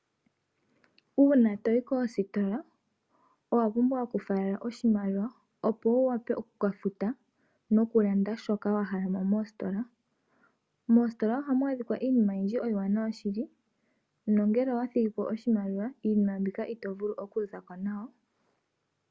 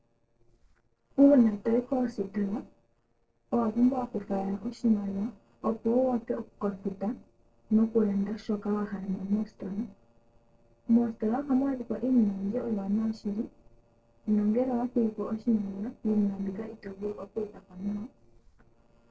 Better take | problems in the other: first | noise reduction (neural separator model SepFormer DNS4)

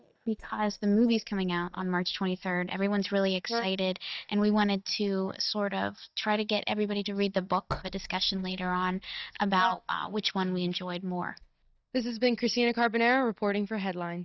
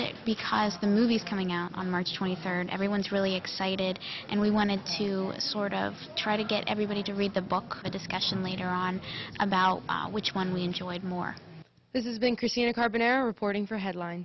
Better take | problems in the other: second | noise reduction (neural mask model DeepFilterNet 3)

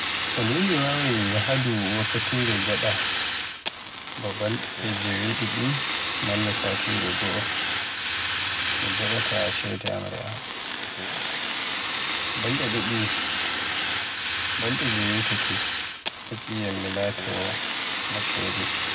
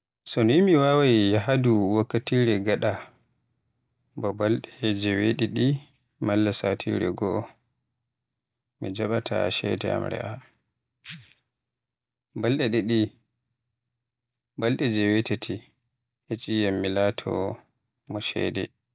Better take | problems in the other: second | background sound (Fire); 3 dB above the speech // room echo; dies away in 0.3 s

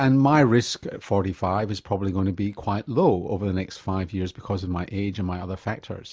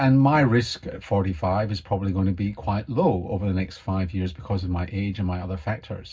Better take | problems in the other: first | room echo; dies away in 0.4 s

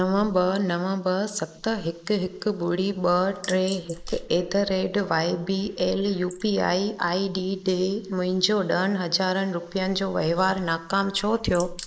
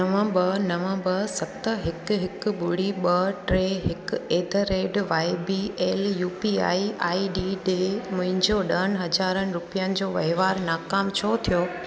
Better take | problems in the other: second | noise reduction (neural mask model Resemble Enhance denoiser)

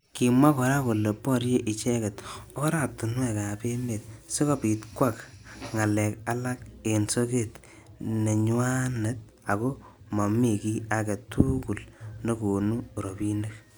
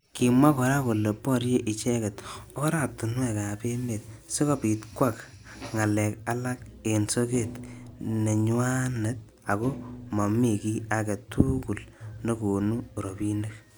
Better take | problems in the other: first | background sound (Thump, thud); 16 dB below the speech

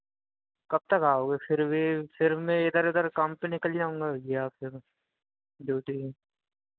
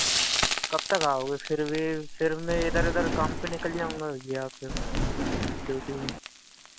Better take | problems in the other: first | background sound (Thunder + Frying (food)); as loud as the speech

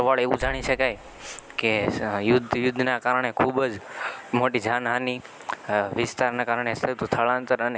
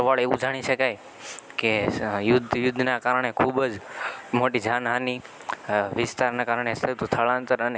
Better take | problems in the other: second | background sound (Boom); 16 dB below the speech

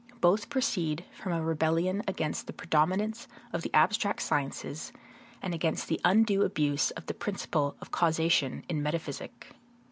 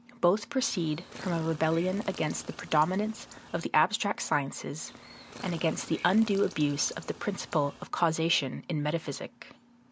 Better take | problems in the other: first | background sound (Chirp, tweet); 17 dB below the speech

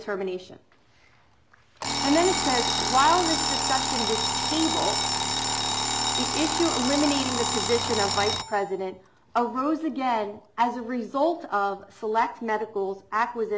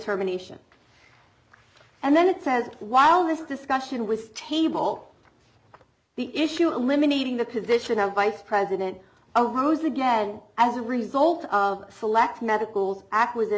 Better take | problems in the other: second | background sound (Alarm); 2 dB below the speech

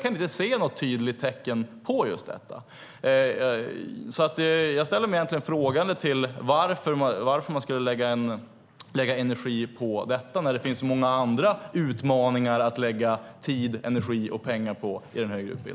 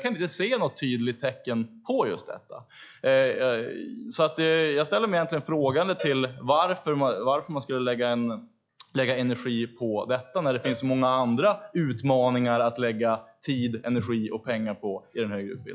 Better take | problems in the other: first | noise reduction (classical method log-MMSE)

